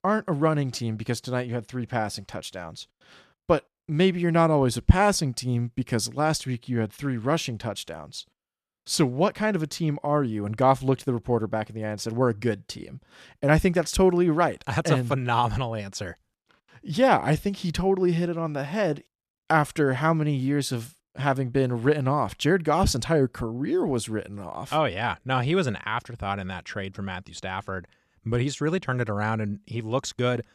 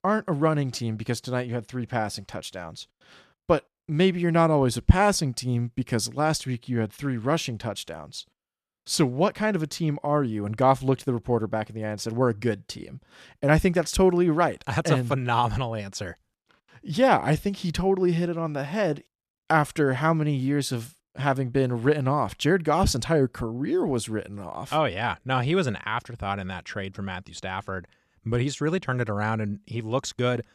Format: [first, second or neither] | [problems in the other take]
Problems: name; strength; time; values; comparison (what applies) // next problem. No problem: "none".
neither | none